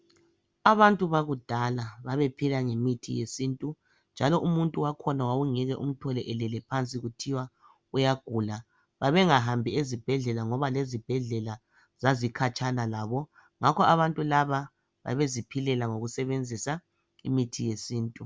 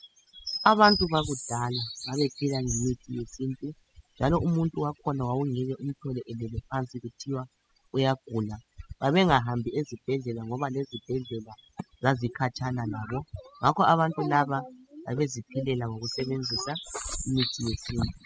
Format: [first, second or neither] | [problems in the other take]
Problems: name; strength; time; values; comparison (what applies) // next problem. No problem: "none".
first | noise reduction (classical method spectral subtraction)